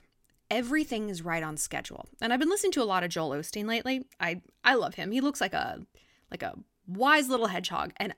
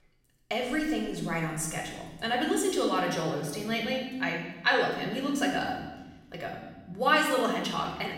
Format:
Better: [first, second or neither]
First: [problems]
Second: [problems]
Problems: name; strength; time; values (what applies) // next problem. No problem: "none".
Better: first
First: none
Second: room echo; noticeable; dies away in 1.1 s // off-mic speech; far